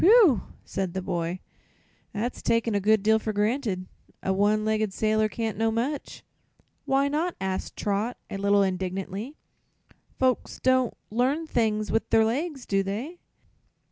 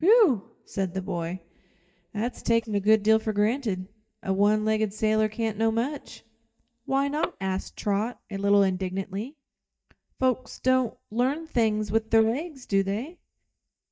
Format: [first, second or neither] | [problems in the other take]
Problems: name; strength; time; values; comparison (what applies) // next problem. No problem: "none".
first | noise reduction (neural mask model DeepFilterNet 3)